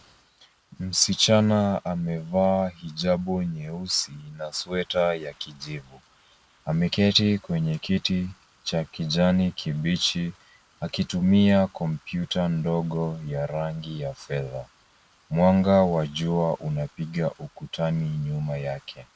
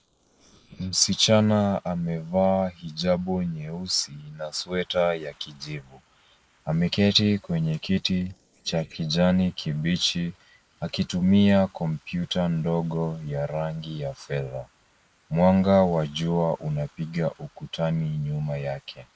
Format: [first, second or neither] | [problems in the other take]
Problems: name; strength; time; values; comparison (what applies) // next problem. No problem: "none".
first | noise reduction (neural mask model Resemble Enhance denoiser)